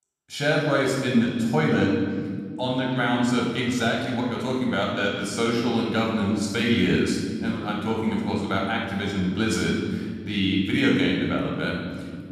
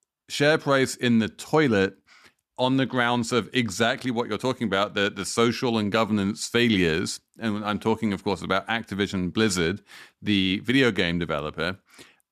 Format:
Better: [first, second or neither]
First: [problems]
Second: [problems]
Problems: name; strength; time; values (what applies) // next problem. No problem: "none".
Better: second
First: off-mic speech; somewhat distant // room echo; noticeable; dies away in 2.3 s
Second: none